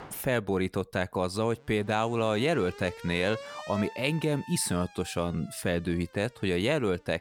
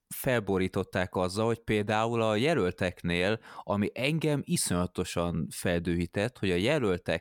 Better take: second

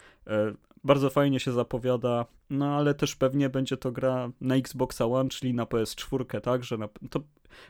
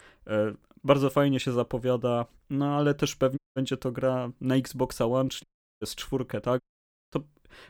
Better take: first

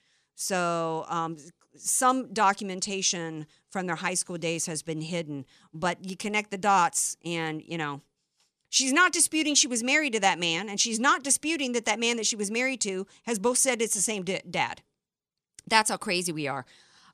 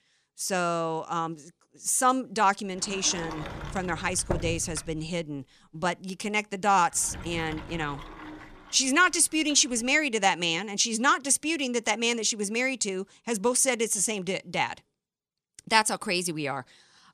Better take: first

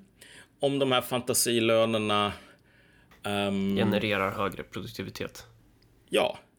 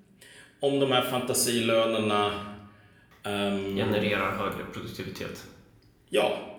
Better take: first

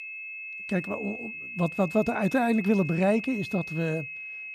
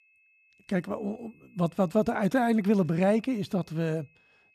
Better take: second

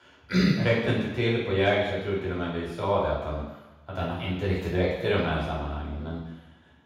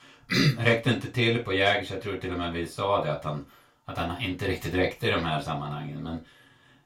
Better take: second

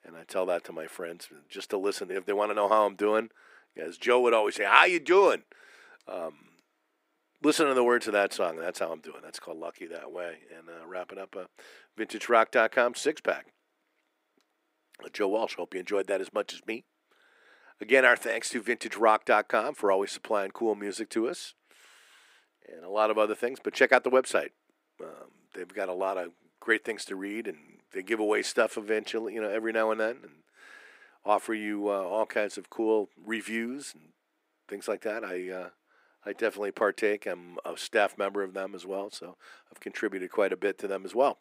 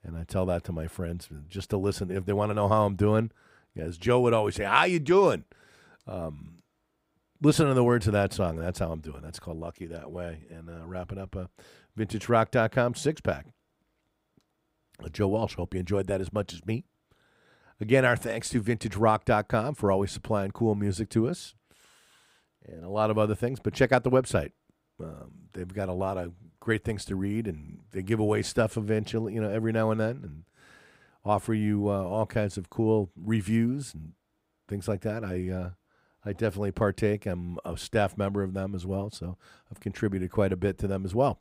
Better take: second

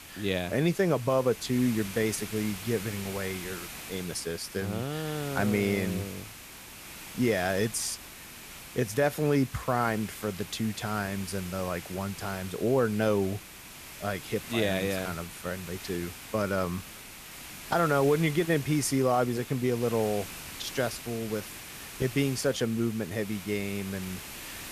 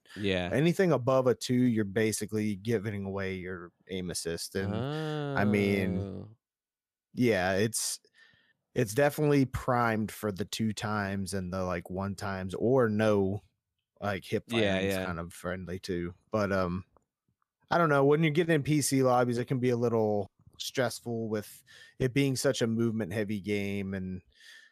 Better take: second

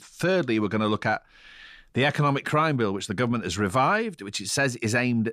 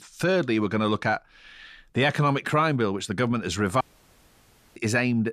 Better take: first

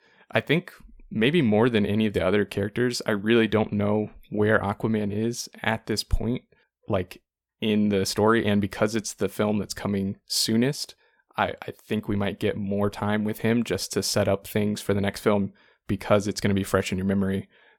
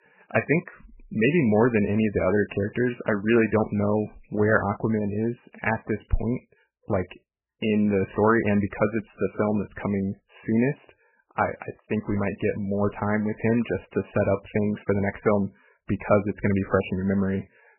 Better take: first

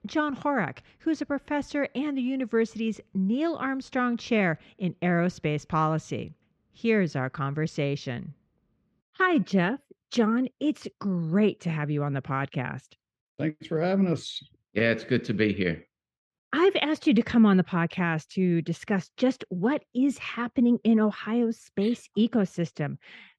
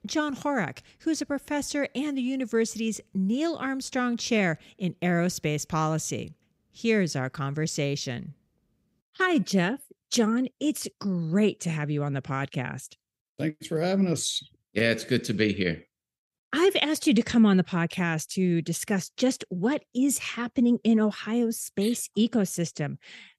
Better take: second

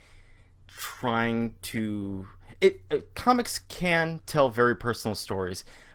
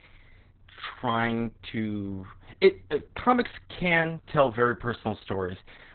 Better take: first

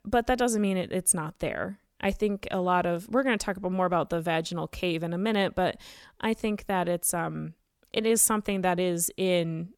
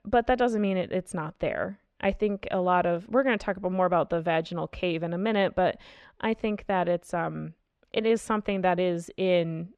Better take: first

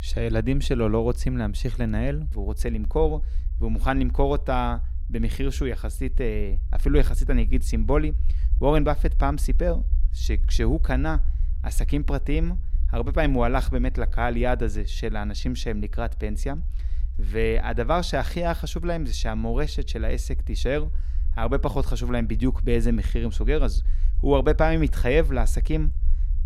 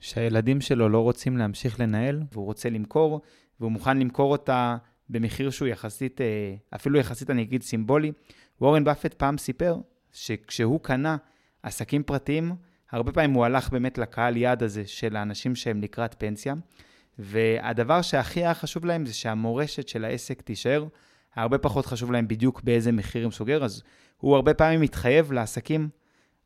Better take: second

